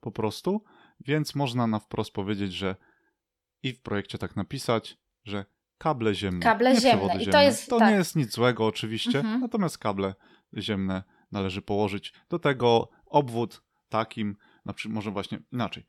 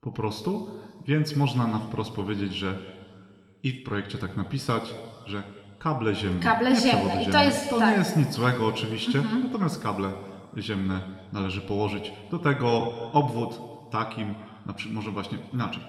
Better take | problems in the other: first | room echo; noticeable; dies away in 2 s

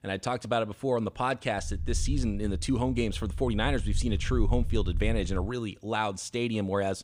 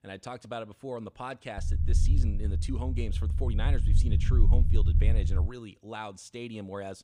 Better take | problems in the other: first | low rumble; loud; from 1.5 to 5.5 s; 5 dB below the speech; faint in the first

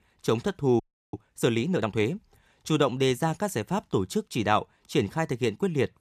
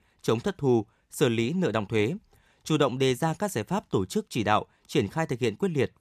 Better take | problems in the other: second | audio freezing; at 1 s

